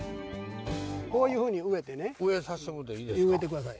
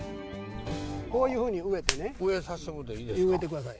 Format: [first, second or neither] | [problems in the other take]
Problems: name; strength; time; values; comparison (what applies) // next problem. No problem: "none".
first | background sound (Hands); 8 dB below the speech